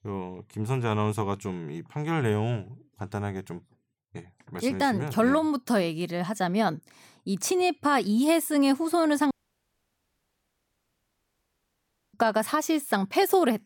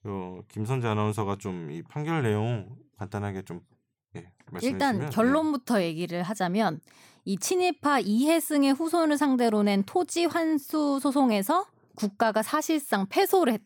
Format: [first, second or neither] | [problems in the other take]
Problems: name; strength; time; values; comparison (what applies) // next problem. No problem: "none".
second | audio cutting out; at 9.5 s for 3 s